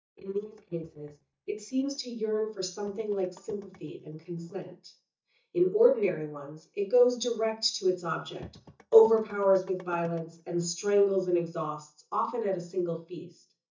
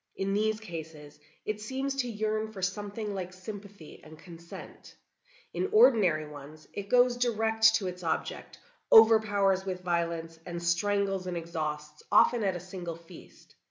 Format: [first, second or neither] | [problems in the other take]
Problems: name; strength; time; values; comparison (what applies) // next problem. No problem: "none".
second | noise reduction (neural mask model DeepFilterNet 3)